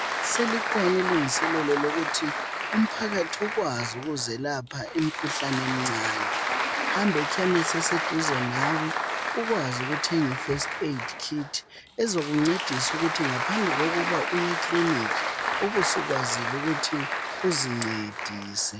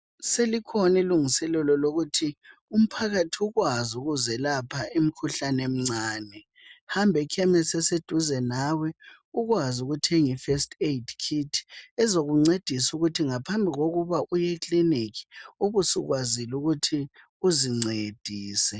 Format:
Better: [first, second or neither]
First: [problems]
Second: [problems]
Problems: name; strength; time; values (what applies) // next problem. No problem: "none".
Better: second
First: background sound (Applause); 1 dB below the speech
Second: none